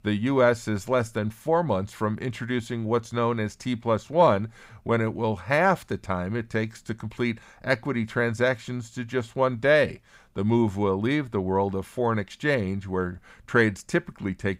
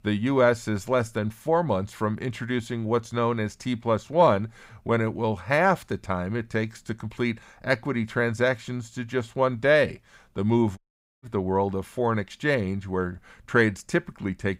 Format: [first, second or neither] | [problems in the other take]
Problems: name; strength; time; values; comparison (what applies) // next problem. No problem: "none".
first | audio cutting out; at 11 s